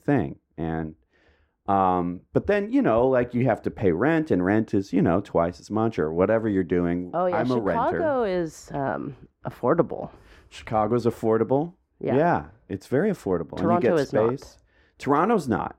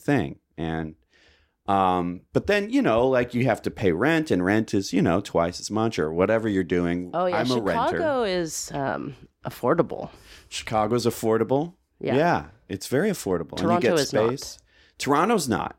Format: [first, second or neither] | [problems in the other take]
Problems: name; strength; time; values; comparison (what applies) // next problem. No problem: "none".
second | muffled; slightly; fading above 2.5 kHz